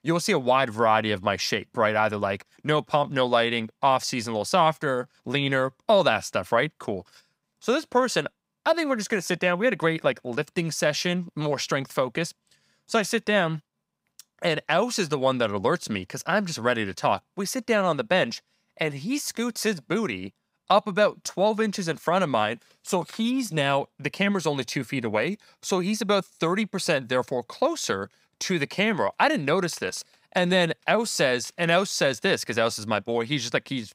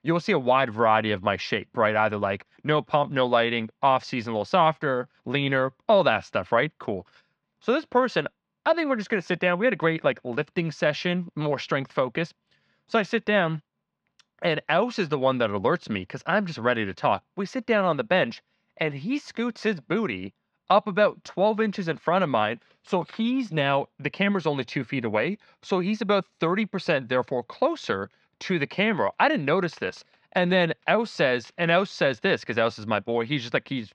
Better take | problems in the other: first | muffled; slightly; fading above 3.5 kHz

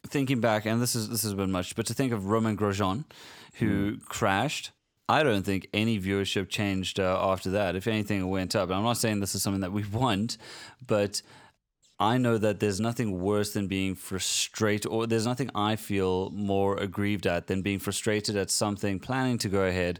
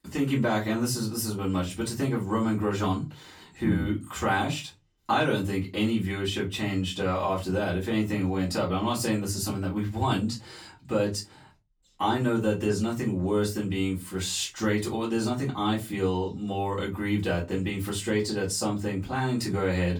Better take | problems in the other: first | off-mic speech; far // room echo; very slight; dies away in 0.2 s

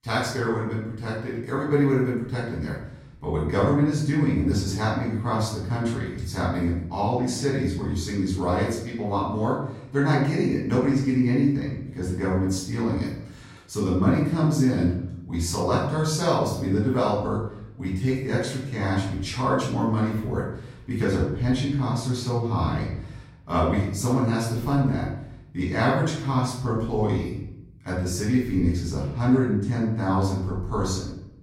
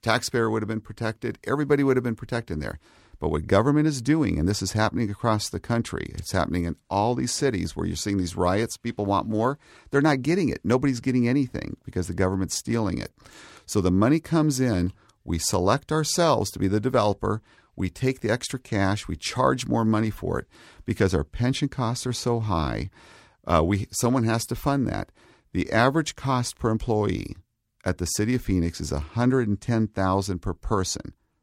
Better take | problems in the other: second | off-mic speech; far // room echo; noticeable; dies away in 0.7 s

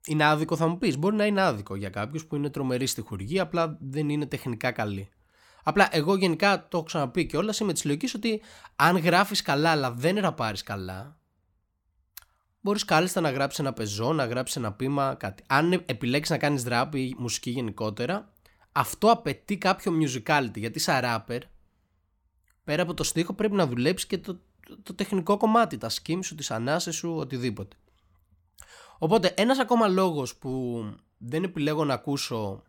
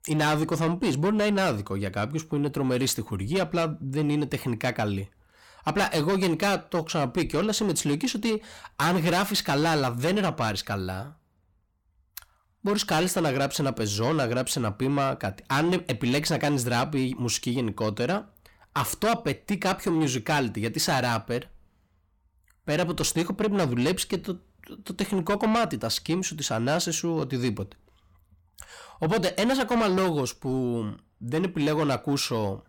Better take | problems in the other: first | distortion; heavy; 7 dB below the speech

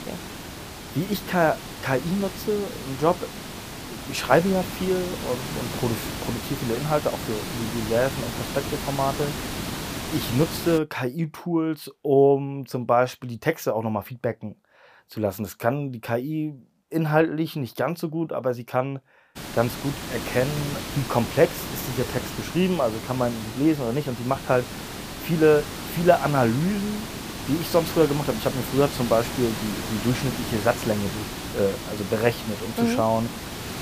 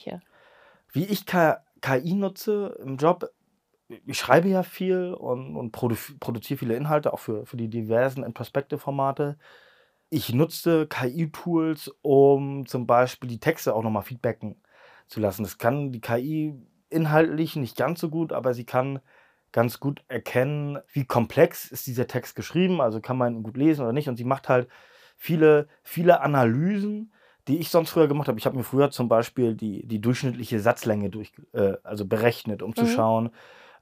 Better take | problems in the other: second | hiss; loud; until 11 s and from 19 s on; 7 dB below the speech

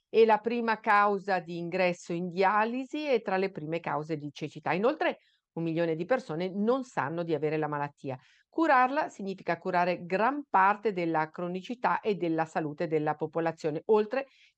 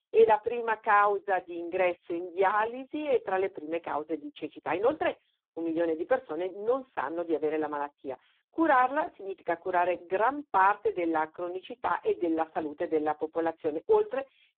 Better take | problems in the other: first | phone-call audio; poor line

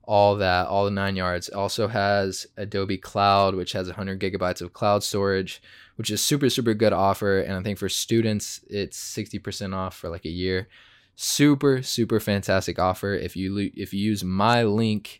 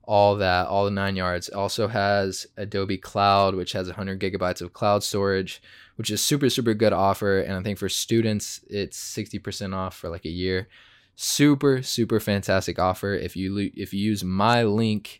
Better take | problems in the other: neither | none

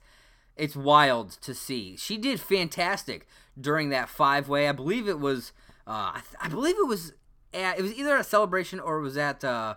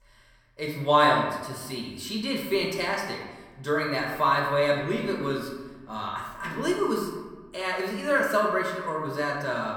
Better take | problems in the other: first | room echo; noticeable; dies away in 1 s // off-mic speech; somewhat distant

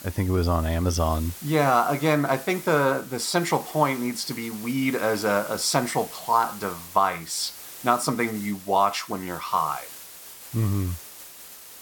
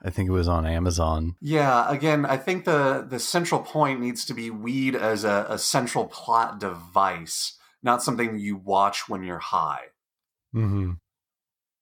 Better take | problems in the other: second | hiss; noticeable; throughout; 15 dB below the speech

